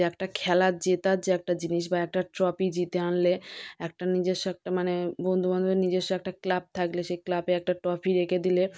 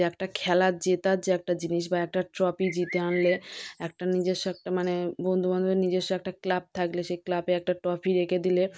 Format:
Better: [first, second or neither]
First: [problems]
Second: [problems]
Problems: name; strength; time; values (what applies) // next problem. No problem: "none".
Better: first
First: none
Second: background sound (Bird); 15 dB below the speech